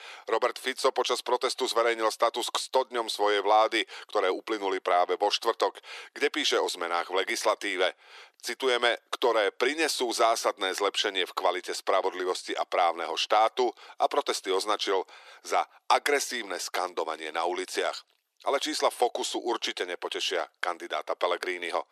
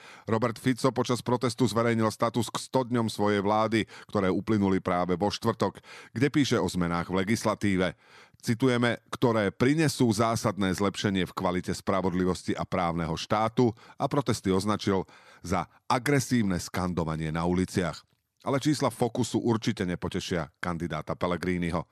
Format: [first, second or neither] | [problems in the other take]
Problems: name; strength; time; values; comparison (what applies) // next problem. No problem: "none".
second | thin; very; fading below 350 Hz